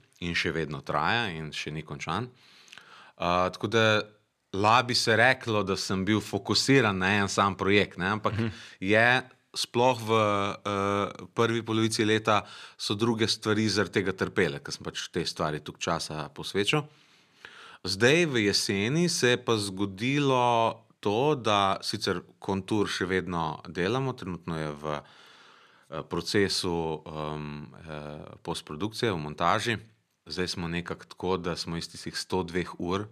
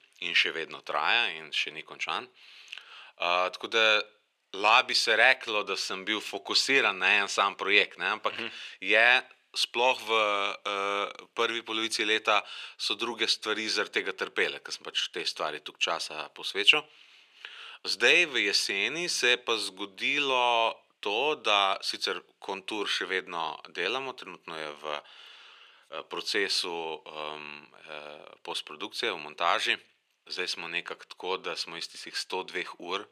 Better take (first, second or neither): first